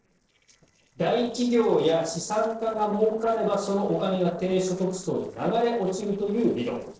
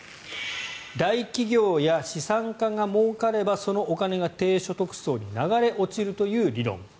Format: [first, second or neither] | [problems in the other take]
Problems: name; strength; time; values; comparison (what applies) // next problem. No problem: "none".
second | noise reduction (neural separator model SepFormer DNS4)